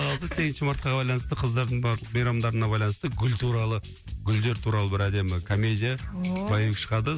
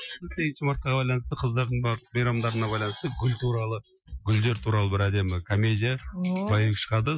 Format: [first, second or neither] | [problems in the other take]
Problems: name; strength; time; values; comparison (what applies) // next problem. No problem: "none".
first | noise reduction (classical method Wiener filter)